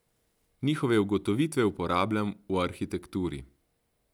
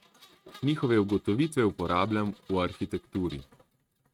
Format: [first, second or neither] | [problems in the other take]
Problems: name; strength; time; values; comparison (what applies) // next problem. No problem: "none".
first | noise reduction (neural mask model RNNoise)